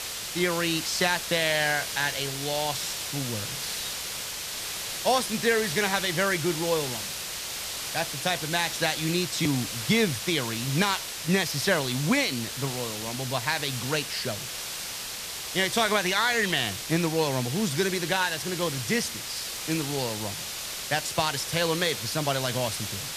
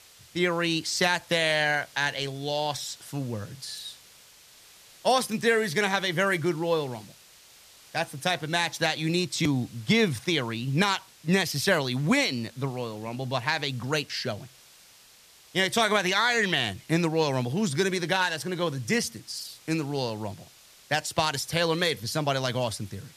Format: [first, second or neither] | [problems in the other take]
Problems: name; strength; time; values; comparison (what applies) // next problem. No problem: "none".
second | hiss; loud; throughout; 5 dB below the speech; faint in the second